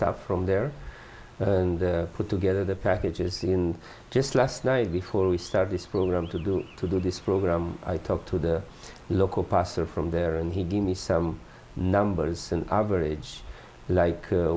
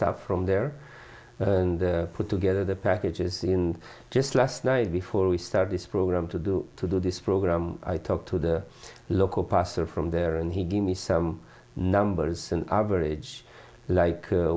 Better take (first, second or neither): second